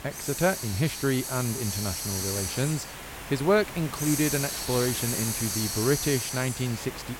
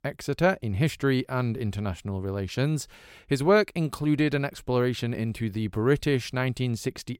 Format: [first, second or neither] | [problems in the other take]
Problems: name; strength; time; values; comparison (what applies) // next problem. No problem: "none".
second | hiss; loud; throughout; 3 dB below the speech